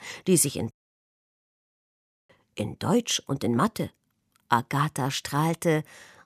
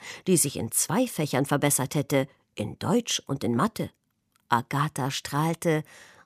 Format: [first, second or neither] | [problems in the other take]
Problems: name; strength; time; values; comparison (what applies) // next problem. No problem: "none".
second | audio cutting out; at 0.5 s for 1.5 s